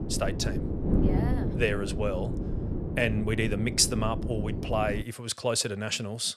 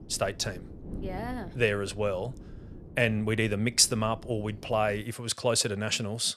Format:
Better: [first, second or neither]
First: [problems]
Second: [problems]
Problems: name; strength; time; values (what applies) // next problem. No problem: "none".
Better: second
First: wind noise on the microphone; heavy; until 5 s; 8 dB below the speech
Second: wind noise on the microphone; occasional gusts; until 5 s; 25 dB below the speech